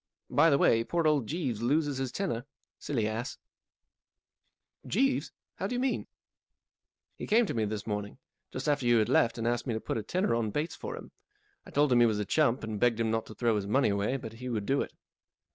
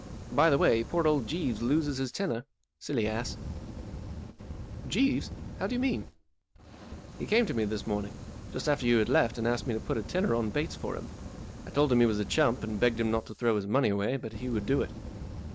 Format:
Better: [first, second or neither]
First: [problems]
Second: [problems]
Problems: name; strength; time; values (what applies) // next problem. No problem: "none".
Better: first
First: none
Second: background sound (Fire); 11 dB below the speech